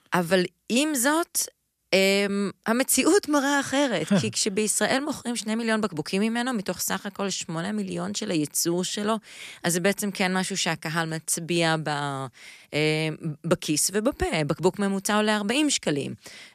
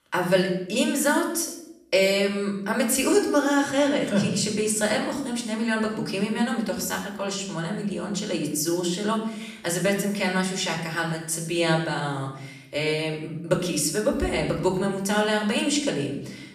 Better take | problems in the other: first | room echo; slight; dies away in 0.7 s // off-mic speech; somewhat distant

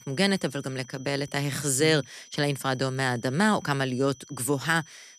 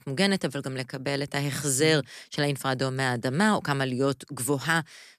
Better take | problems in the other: second | high-pitched whine; faint; throughout; 6 kHz, 25 dB below the speech

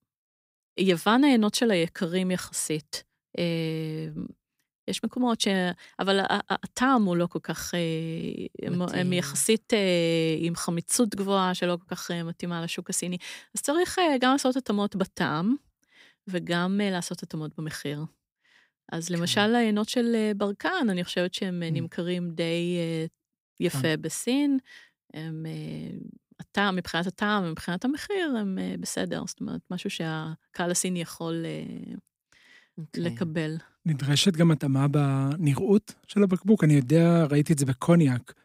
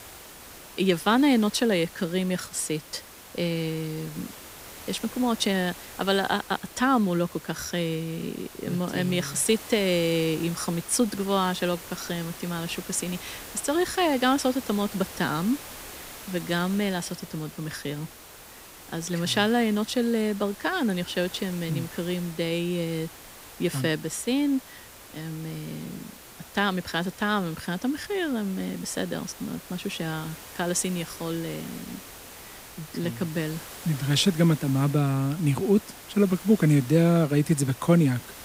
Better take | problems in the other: first | hiss; noticeable; throughout; 15 dB below the speech

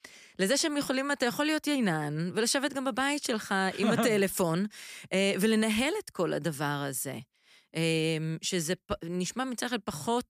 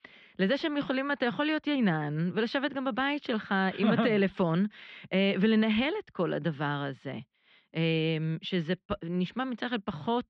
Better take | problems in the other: first | muffled; very; fading above 3.5 kHz

